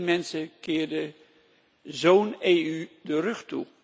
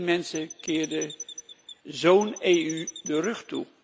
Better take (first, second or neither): first